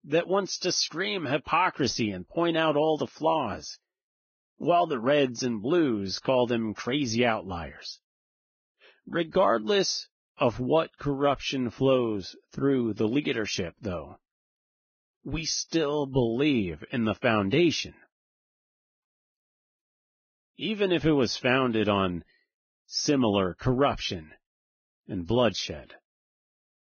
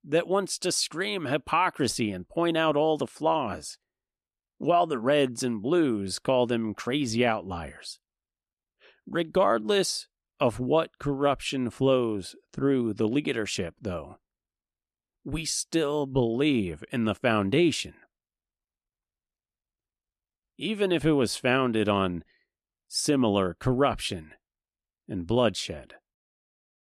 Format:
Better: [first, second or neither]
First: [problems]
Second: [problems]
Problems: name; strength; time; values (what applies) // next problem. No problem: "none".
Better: second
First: garbled, watery; badly; nothing above 6.5 kHz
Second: none